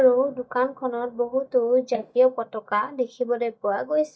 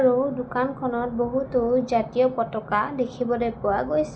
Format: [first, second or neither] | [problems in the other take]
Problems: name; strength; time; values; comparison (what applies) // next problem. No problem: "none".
second | noise reduction (neural mask model DeepFilterNet 3)